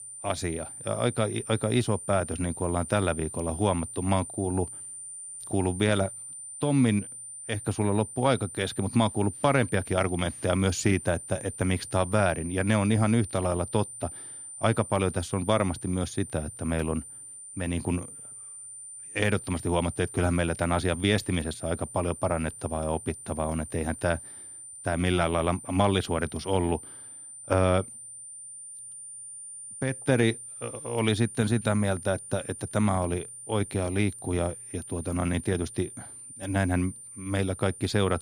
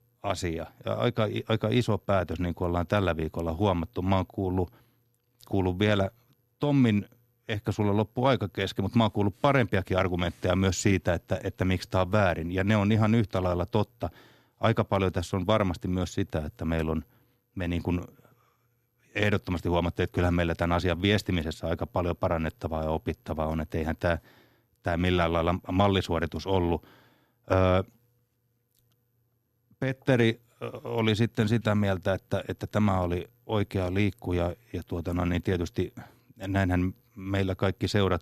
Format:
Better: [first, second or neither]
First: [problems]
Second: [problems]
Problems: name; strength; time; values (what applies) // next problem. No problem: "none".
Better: second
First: high-pitched whine; noticeable; throughout; 9 kHz, 10 dB below the speech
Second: none